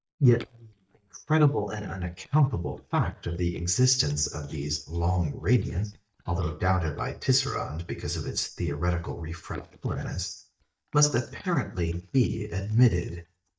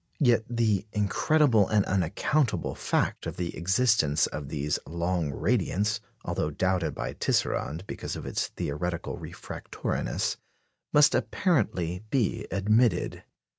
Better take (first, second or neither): second